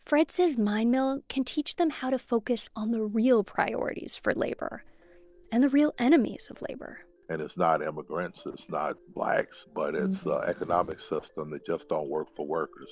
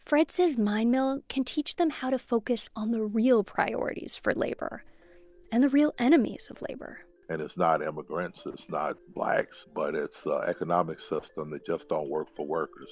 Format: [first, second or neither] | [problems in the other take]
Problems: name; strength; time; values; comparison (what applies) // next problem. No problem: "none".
second | noise reduction (neural separator model SepFormer DNS4)